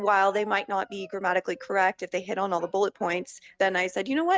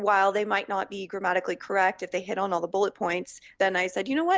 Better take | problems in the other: second | noise reduction (neural mask model RNNoise)

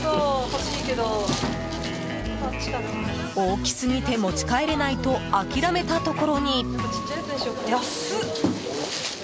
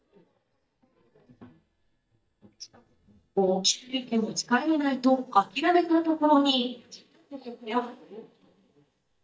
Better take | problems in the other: first | noise reduction (neural mask model DeepFilterNet 3)

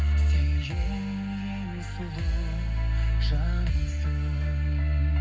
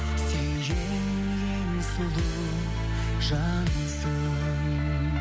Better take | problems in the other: second | room echo; dies away in 0.4 s

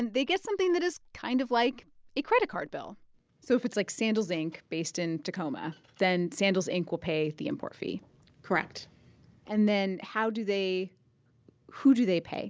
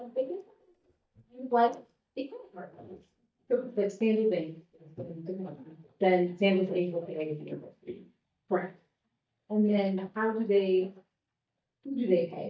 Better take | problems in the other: first | noise reduction (neural mask model DeepFilterNet 3)

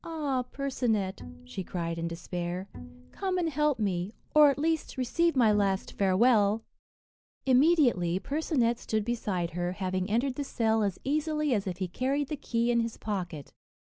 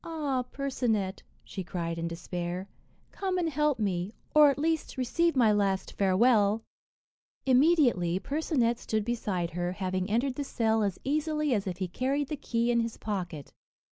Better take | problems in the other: second | background sound (Bowed string instrument); 18 dB below the speech

